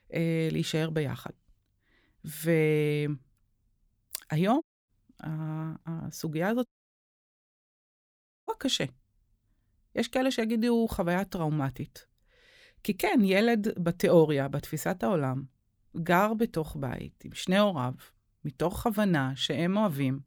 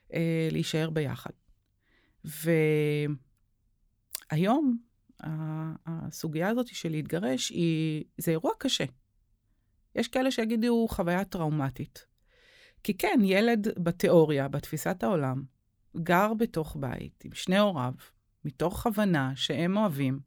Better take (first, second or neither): second